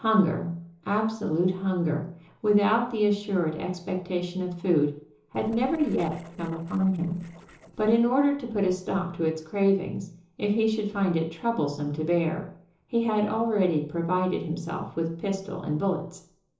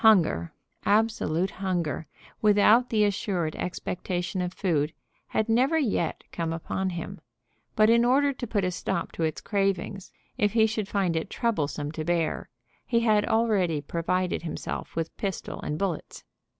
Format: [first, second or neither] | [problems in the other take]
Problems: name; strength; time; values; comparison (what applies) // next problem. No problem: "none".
second | noise reduction (neural separator model SepFormer DNS4)